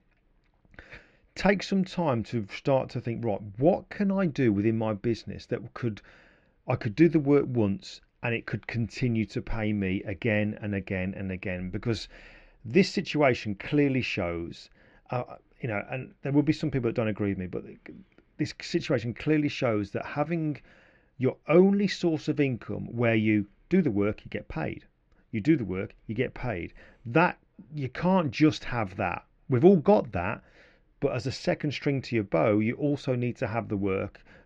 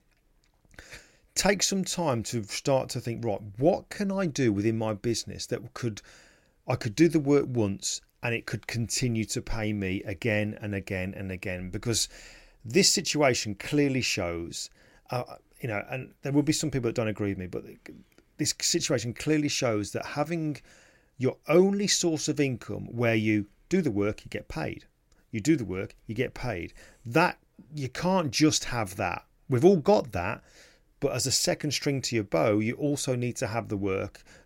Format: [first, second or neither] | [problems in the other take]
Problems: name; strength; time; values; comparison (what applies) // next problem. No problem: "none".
second | muffled; slightly; fading above 3 kHz